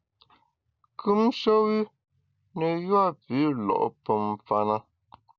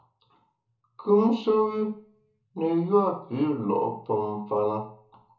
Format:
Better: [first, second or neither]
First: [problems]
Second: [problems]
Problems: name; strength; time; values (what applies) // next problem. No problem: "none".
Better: first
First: none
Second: room echo; dies away in 0.7 s